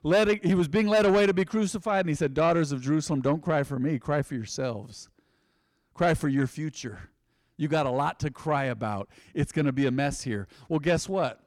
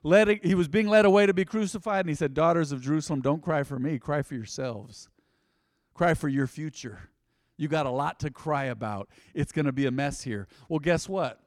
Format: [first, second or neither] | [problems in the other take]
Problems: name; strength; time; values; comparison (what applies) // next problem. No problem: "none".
second | distortion; slight; 10 dB below the speech